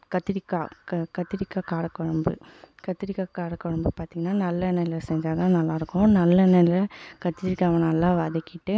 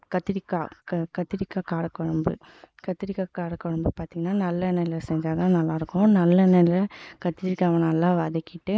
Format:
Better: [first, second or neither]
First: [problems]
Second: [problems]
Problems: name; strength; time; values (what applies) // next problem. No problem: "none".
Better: first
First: none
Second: noise reduction (neural mask model Resemble Enhance denoiser)